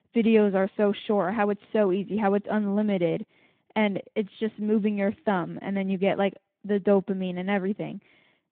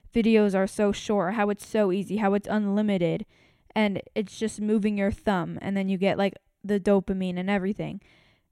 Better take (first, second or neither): second